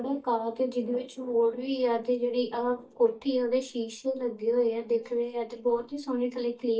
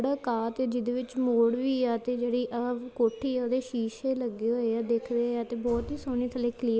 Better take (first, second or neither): second